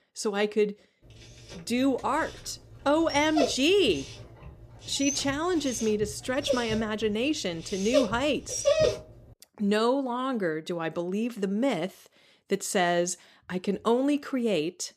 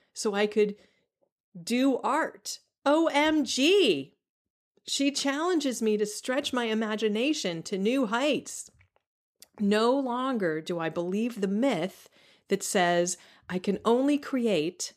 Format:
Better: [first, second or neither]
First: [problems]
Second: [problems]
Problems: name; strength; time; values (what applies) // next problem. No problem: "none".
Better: second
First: dog barking; loud; from 3 to 9 s; peak 4 dB above the speech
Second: none